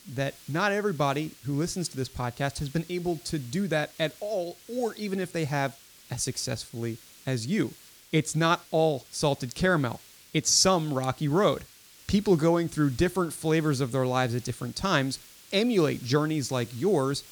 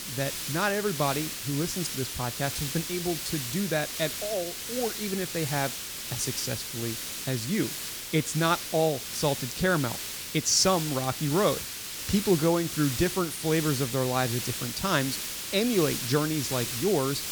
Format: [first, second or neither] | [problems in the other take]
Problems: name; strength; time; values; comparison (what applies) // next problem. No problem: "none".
first | hiss; loud; throughout; 4 dB below the speech; faint in the first